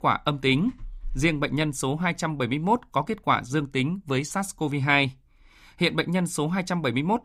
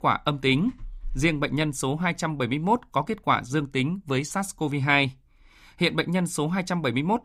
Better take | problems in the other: neither | none

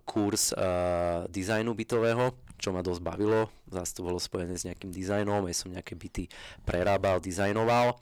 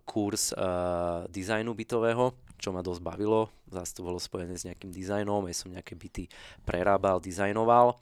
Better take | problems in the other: second | distortion; heavy; 5% of the sound clipped

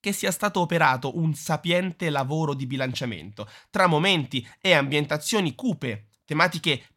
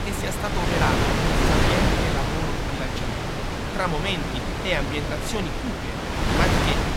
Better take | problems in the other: first | wind noise on the microphone; heavy; 3 dB above the speech

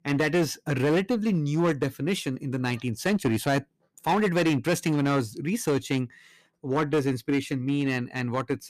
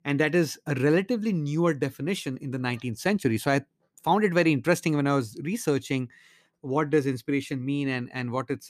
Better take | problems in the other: second | distortion; slight; 8% of the sound clipped

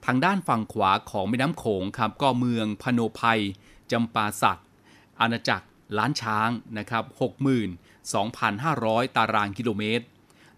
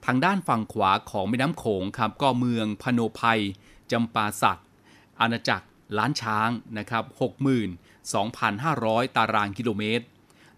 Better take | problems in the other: neither | none

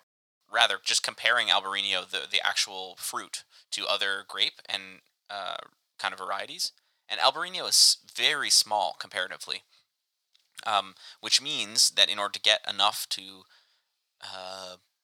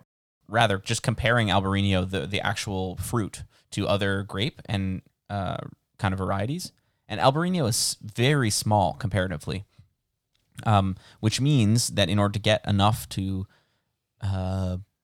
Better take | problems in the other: second | thin; very; fading below 900 Hz

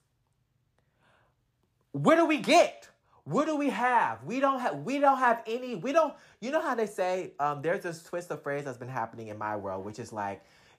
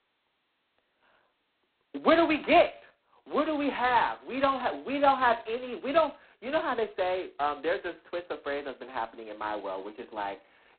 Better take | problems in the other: first | phone-call audio; poor line; nothing above 4 kHz

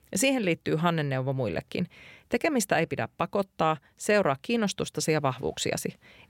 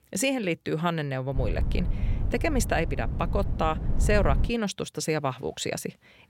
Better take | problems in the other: first | wind noise on the microphone; occasional gusts; from 1.5 to 4.5 s; 15 dB below the speech

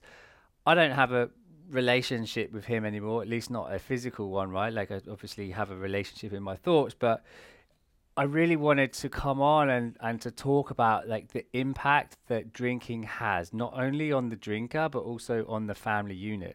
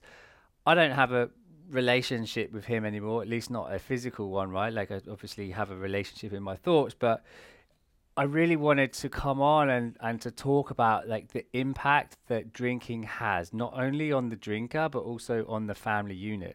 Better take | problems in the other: neither | none

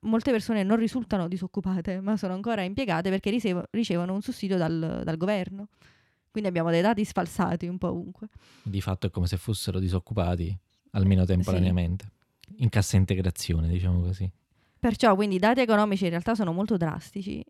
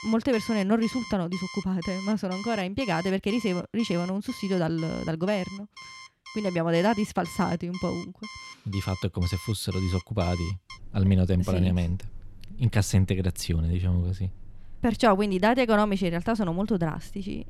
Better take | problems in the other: first | alarms or sirens; noticeable; throughout; 15 dB below the speech

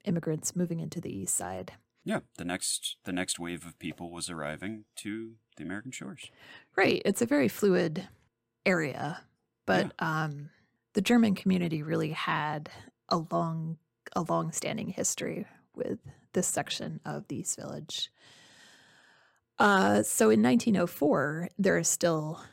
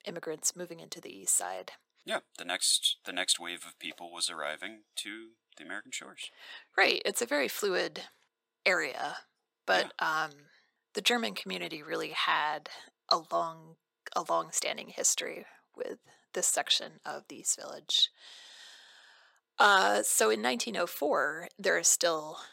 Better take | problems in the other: first | thin; very; fading below 600 Hz

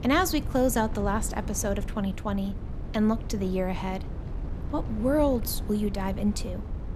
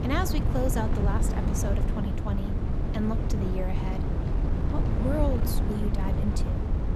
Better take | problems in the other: first | wind noise on the microphone; heavy; 2 dB below the speech; occasional gusts in the first

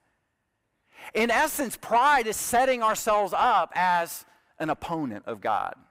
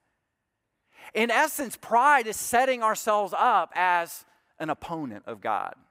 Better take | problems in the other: second | distortion; slight; 10 dB below the speech

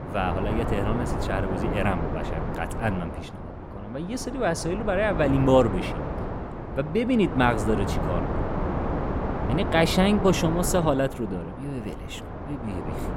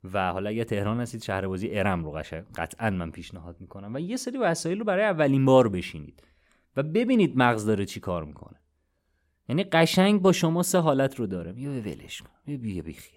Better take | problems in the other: second | wind noise on the microphone; heavy; 7 dB below the speech

